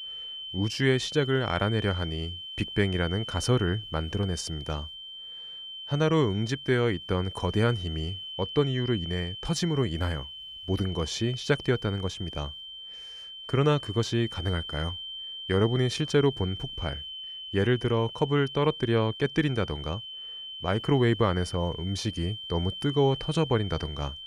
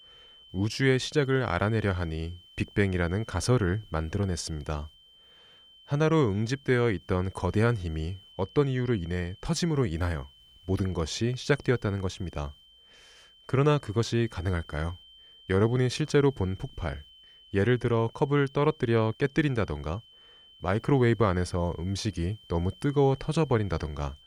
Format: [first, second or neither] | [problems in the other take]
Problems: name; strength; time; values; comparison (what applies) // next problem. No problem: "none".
second | high-pitched whine; loud; throughout; 3 kHz, 9 dB below the speech; faint in the second